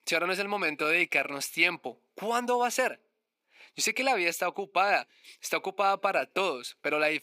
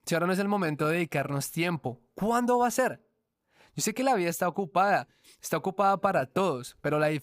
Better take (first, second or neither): second